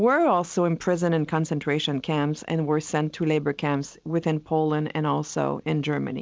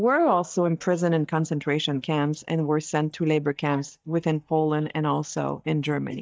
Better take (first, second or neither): first